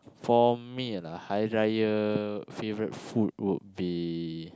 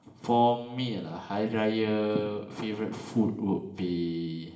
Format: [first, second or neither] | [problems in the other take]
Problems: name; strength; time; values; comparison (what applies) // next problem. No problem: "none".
first | room echo; dies away in 0.8 s